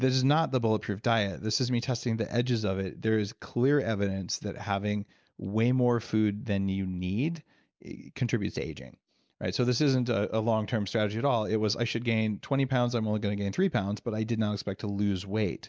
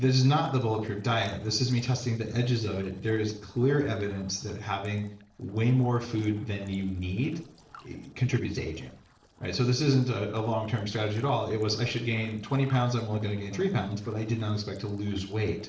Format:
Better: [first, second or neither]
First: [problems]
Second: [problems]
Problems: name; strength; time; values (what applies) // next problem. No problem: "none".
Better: first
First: none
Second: noise reduction (neural separator model SepFormer DNS4)